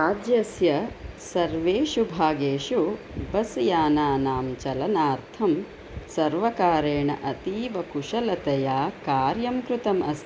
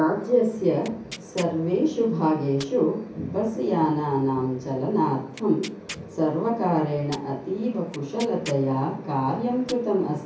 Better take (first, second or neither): first